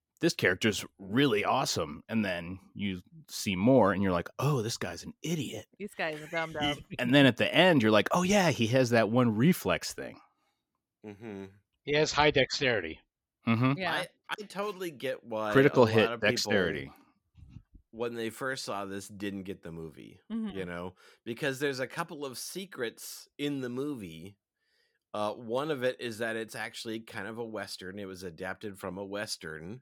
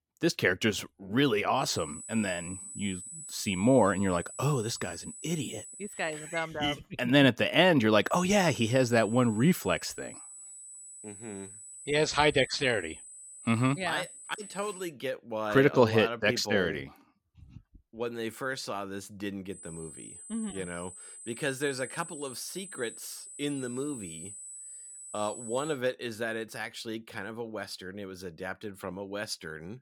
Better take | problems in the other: first | high-pitched whine; noticeable; from 1.5 to 6.5 s, from 8 to 15 s and from 20 to 26 s; 8 kHz, 15 dB below the speech

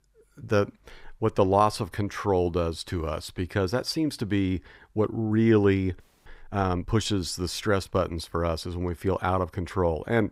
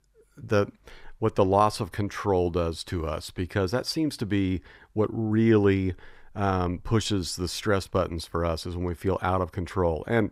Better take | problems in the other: second | audio freezing; at 6 s

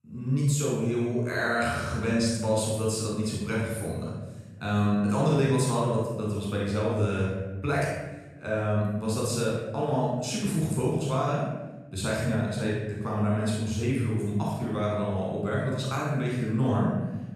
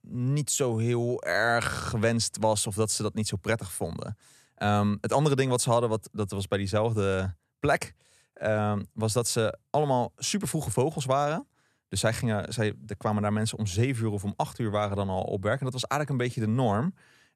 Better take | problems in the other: second | room echo; strong; dies away in 1.1 s // off-mic speech; far

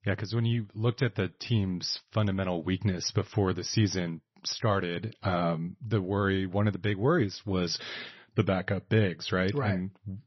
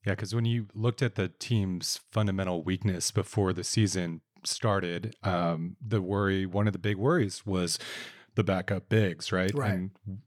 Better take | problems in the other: second | garbled, watery; slightly; nothing above 6 kHz

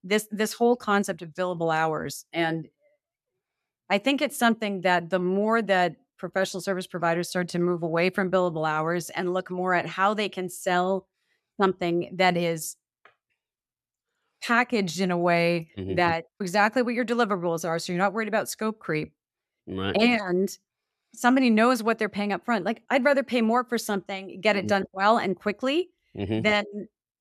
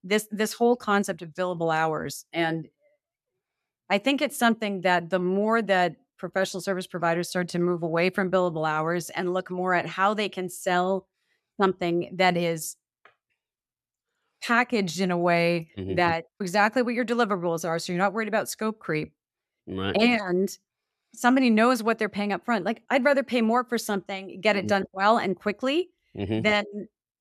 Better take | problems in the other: neither | none

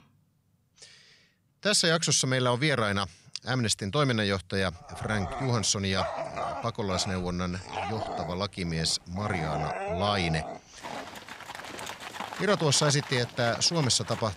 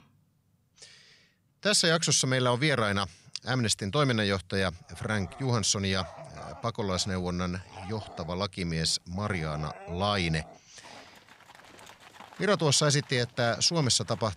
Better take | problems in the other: second | animal sounds; loud; from 5 s on; 10 dB below the speech; faint in the second

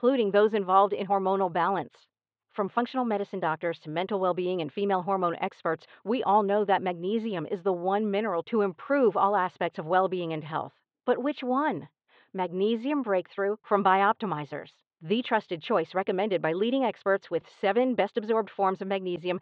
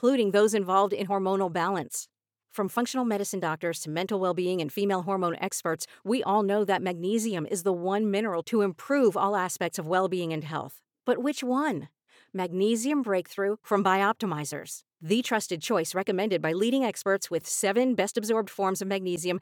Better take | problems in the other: second | muffled; very; fading above 3.5 kHz

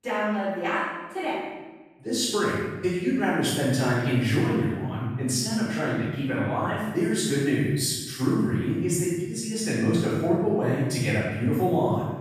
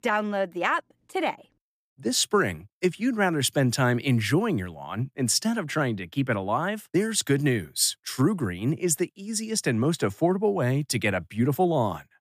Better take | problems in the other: second | off-mic speech; far // room echo; strong; dies away in 1.1 s

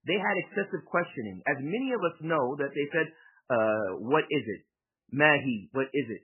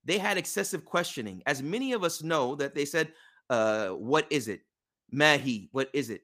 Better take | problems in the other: second | garbled, watery; badly; nothing above 3 kHz

